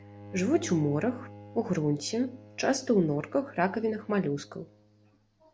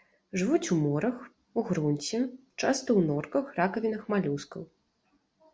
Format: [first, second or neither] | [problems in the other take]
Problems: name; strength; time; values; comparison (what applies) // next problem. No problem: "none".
second | background sound (Bowed string instrument); 18 dB below the speech